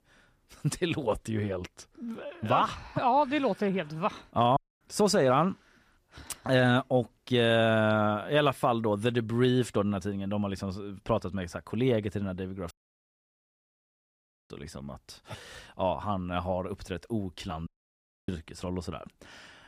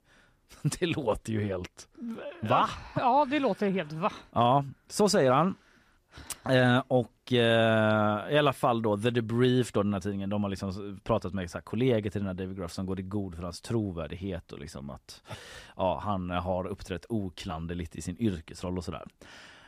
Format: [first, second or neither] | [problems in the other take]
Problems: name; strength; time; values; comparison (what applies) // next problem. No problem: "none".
second | audio cutting out; at 4.5 s, at 13 s for 2 s and at 18 s for 0.5 s